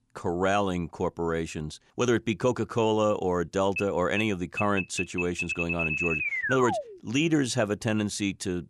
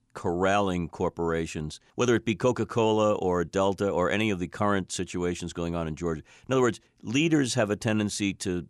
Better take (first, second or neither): second